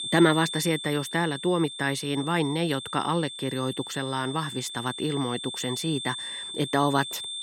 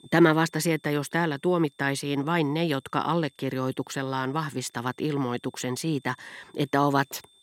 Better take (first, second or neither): second